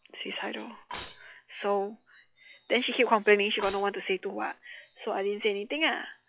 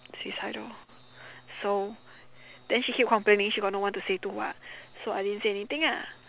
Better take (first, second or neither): second